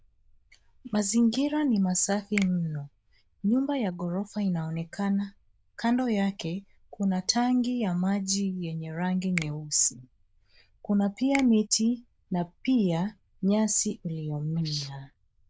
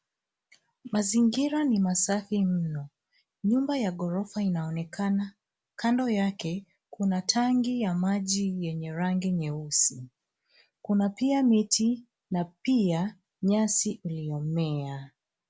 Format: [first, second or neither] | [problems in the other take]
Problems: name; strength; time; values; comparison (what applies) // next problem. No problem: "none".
second | noise reduction (neural diffusion model UNIVERSE++)